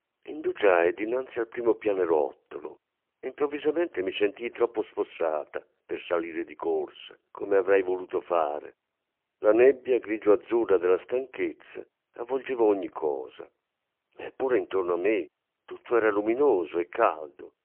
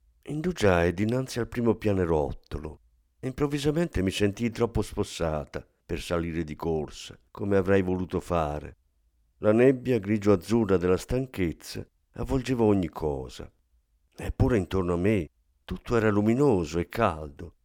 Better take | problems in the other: second | phone-call audio; poor line; nothing above 3 kHz

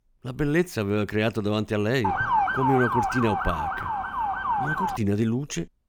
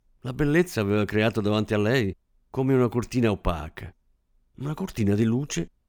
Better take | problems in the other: second | siren; loud; from 2 to 5 s; peak 3 dB above the speech

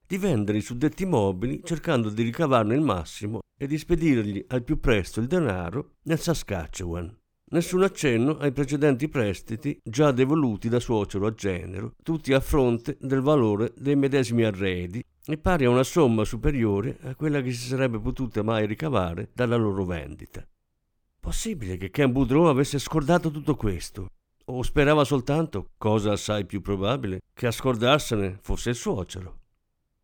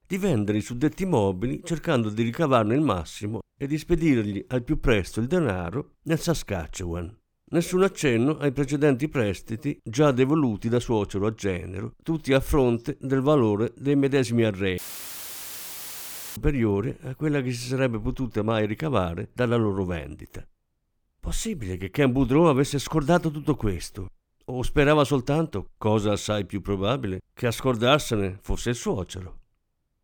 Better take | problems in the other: first | audio cutting out; filled with static; at 15 s for 1.5 s

